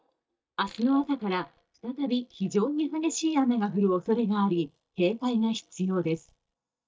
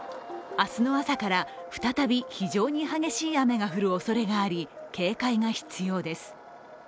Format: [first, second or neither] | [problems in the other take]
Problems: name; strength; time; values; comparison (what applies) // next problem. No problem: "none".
second | noise reduction (neural mask model DeepFilterNet 3)